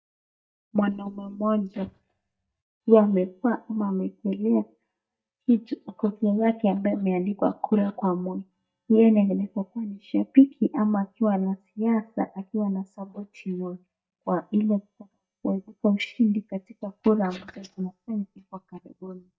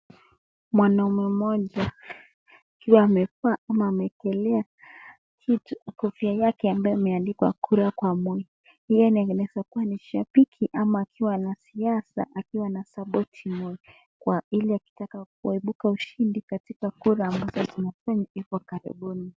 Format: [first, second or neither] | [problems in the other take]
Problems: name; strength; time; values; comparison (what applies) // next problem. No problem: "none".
second | noise reduction (neural mask model DeepFilterNet 3)